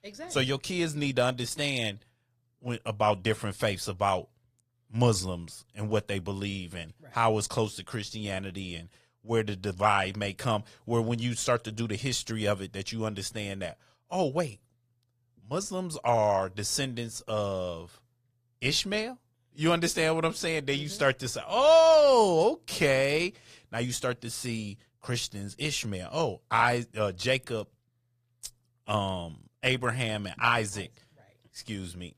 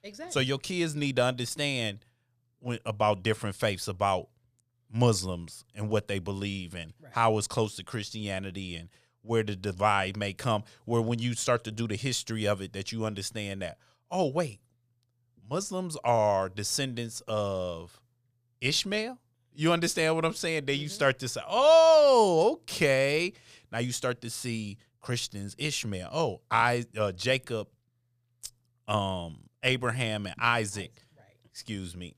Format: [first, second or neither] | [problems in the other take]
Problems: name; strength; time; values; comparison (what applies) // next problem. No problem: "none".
second | garbled, watery; slightly; nothing above 15 kHz